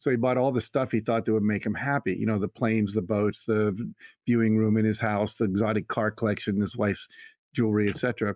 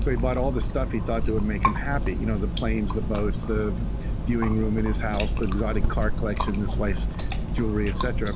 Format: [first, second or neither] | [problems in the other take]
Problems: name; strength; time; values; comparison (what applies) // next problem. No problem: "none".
first | background sound (Chewing, mastication); 3 dB above the speech